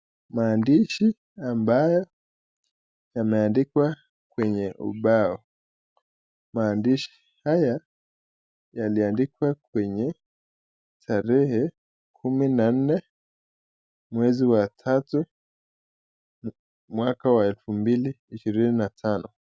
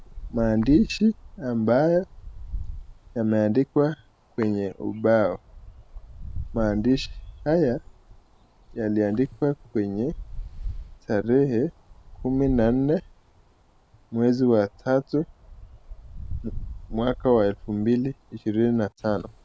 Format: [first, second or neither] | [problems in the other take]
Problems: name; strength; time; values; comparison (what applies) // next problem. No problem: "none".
first | background sound (Wind); 13 dB below the speech